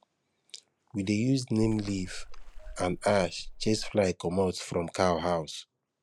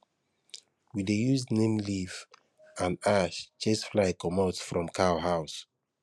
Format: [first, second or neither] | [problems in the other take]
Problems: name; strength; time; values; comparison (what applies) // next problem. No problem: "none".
second | background sound (Water / Splash, splatter); 10 dB below the speech